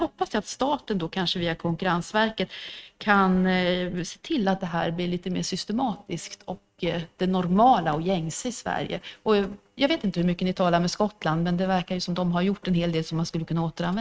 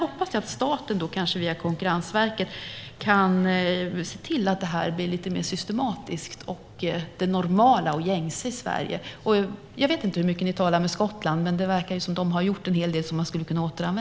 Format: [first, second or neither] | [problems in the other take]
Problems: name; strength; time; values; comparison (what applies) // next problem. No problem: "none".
second | noise reduction (neural mask model RNNoise)